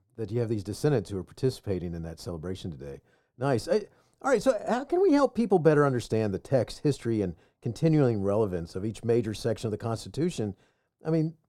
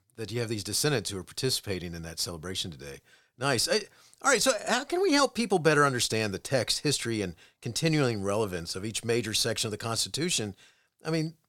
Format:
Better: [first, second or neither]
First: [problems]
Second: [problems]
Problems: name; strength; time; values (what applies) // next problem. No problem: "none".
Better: second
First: muffled; slightly; fading above 1.5 kHz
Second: none